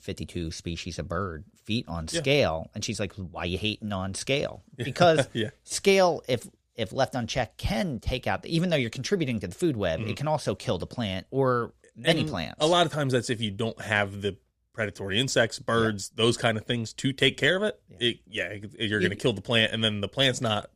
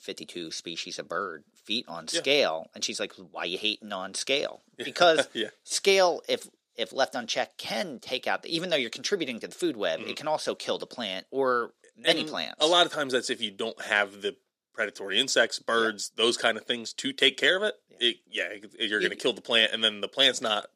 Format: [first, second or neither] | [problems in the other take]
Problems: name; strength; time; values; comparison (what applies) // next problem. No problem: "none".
first | thin; somewhat; fading below 300 Hz